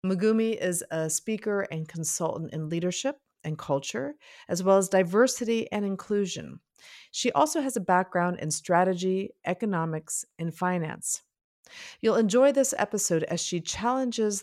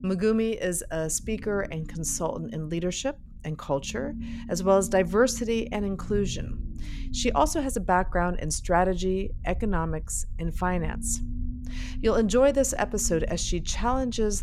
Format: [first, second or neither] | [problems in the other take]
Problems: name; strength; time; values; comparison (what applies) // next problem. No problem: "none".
first | low rumble; faint; throughout; 20 dB below the speech